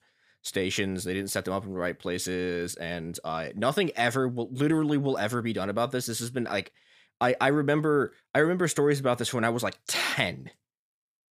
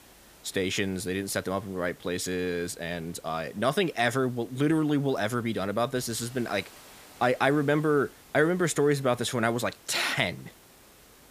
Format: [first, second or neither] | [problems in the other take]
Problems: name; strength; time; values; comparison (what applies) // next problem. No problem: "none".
first | hiss; faint; throughout; 25 dB below the speech